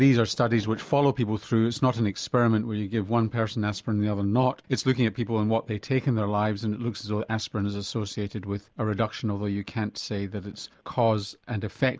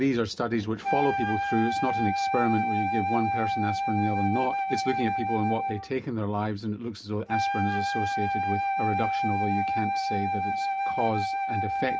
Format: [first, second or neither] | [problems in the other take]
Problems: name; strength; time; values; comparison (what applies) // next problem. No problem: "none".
first | background sound (Wind instrument, woodwind instrument); 1 dB above the speech // room echo; dies away in 0.3 s